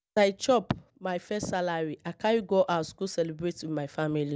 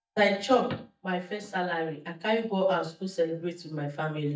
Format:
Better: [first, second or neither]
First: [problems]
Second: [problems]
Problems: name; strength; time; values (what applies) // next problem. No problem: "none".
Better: first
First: none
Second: noise reduction (neural mask model DeepFilterNet 3)